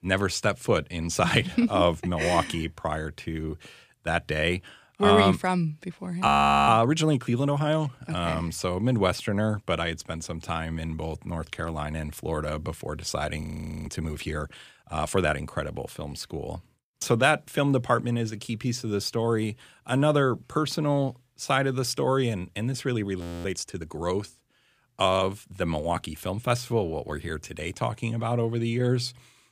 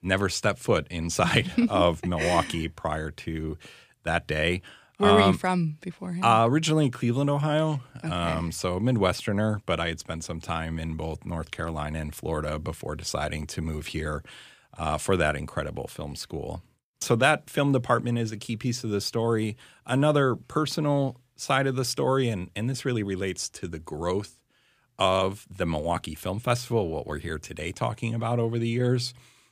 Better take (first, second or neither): second